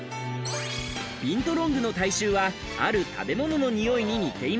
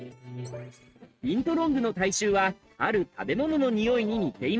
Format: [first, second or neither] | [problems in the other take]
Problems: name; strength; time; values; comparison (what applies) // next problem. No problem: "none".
first | noise reduction (neural mask model RNNoise)